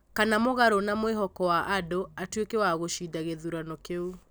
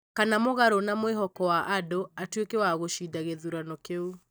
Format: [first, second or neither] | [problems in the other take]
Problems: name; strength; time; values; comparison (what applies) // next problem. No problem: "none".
first | noise reduction (neural mask model DeepFilterNet 3)